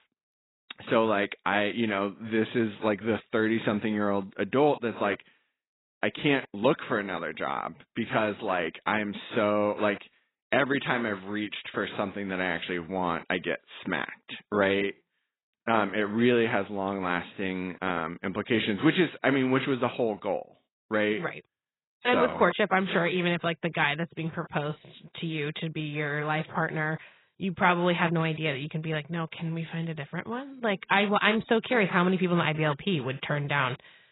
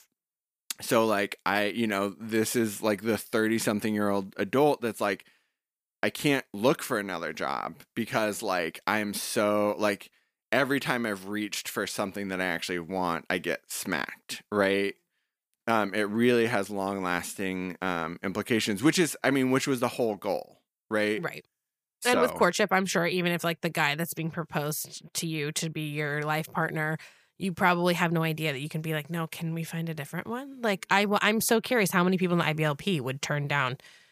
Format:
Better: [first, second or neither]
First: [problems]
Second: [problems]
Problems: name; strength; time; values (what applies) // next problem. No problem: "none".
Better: second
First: garbled, watery; badly; nothing above 4 kHz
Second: none